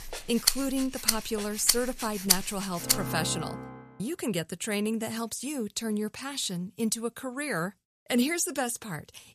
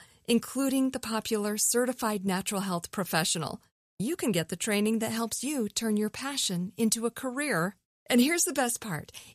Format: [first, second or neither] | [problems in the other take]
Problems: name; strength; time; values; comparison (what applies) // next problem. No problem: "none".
second | background music; very loud; until 3.5 s; 3 dB above the speech